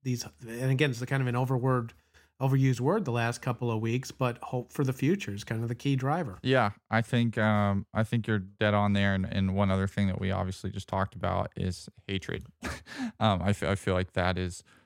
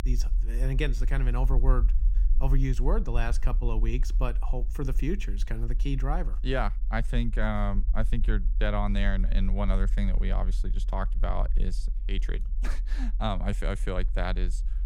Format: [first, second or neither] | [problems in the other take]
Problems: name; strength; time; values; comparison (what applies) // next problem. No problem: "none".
first | low rumble; noticeable; throughout; 20 dB below the speech